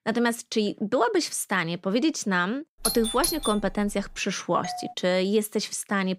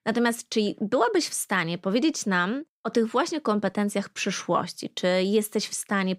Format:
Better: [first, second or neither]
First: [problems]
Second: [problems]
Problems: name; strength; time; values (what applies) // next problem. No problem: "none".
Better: second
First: doorbell; noticeable; from 3 to 4 s; peak 1 dB below the speech // doorbell; faint; at 4.5 s; peak 10 dB below the speech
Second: none